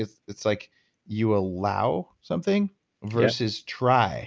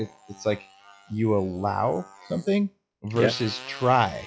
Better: first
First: none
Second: noise reduction (classical method log-MMSE)

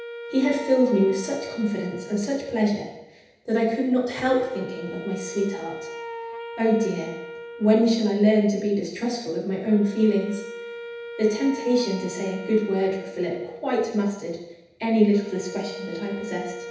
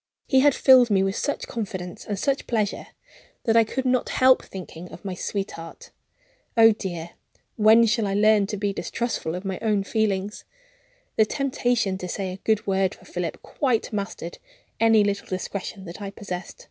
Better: second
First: background sound (Wind instrument, woodwind instrument); 13 dB below the speech // room echo; dies away in 0.8 s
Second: none

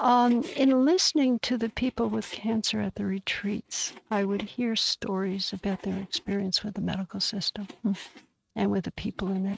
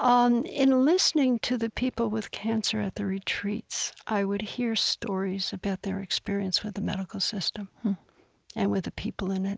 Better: second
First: noise reduction (neural mask model RNNoise)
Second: none

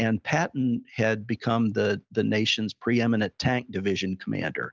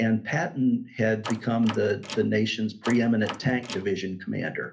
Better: first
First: none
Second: background sound (Door); 14 dB below the speech // room echo; dies away in 0.3 s

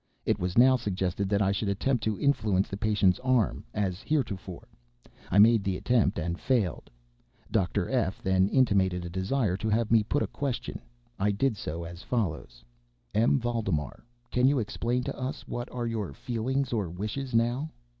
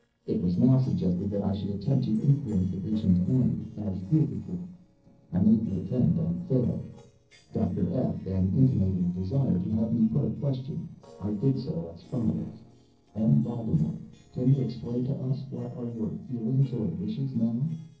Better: first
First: none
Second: noise reduction (neural separator model SepFormer DNS4)

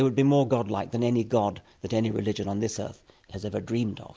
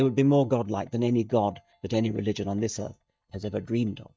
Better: first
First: none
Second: noise reduction (neural mask model DeepFilterNet 3)

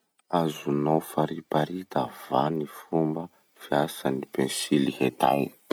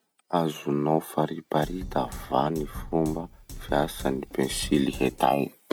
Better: first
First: none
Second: background sound (Drum kit); 12 dB below the speech

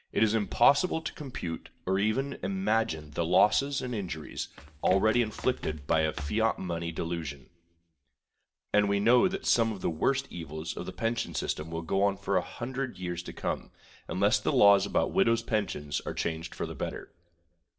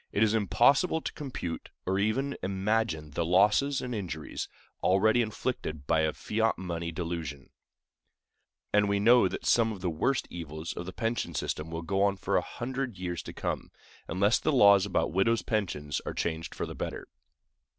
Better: second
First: background sound (Run); 11 dB below the speech // room echo; dies away in 0.3 s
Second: none

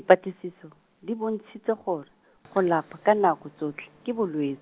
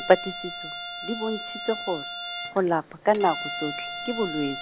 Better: first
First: none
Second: background sound (Bowed string instrument); 8 dB below the speech

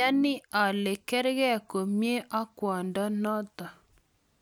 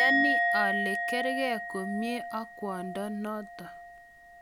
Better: first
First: none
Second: background sound (Musical instrument); 3 dB above the speech

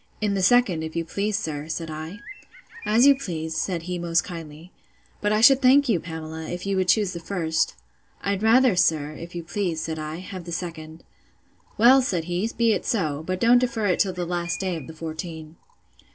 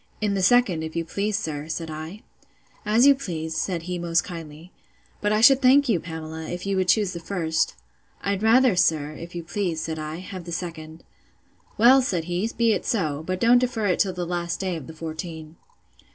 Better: second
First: background sound (Bird); 18 dB below the speech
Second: none

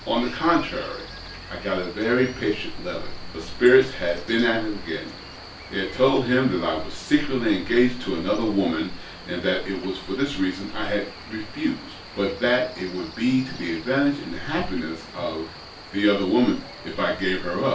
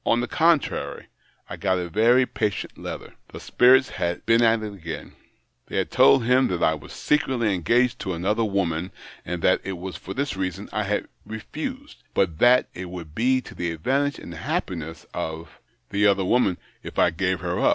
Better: second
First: background sound (Cricket); 16 dB below the speech // room echo; dies away in 0.3 s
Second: none

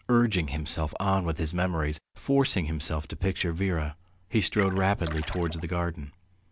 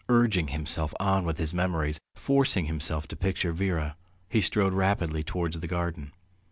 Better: second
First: background sound (Splash, splatter); 13 dB below the speech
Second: none

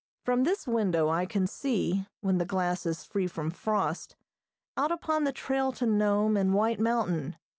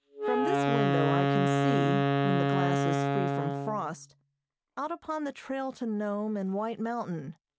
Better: first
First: none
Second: background sound (Wind instrument, woodwind instrument); 4 dB above the speech

